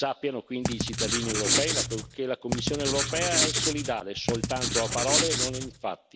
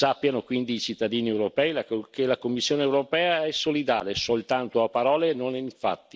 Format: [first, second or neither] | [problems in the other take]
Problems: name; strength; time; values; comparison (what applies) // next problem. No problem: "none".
second | background sound (Writing); 3 dB above the speech